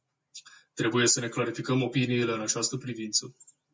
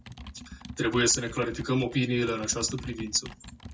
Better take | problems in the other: first | background sound (Computer keyboard); 14 dB below the speech

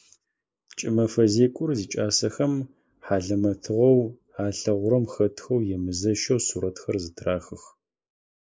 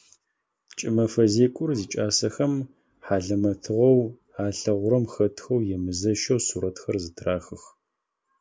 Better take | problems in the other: second | noise reduction (neural mask model Resemble Enhance denoiser)

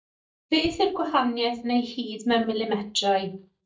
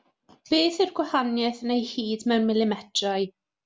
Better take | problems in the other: second | noise reduction (neural mask model DeepFilterNet 3)

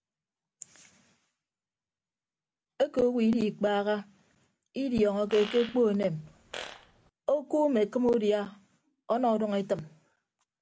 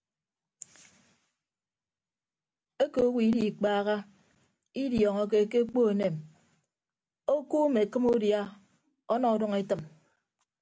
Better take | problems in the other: second | background sound (Fart); 14 dB below the speech

